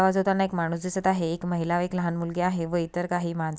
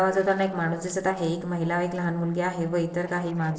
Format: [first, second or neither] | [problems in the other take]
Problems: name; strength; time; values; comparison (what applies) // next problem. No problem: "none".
first | noise reduction (neural separator model SepFormer DNS4)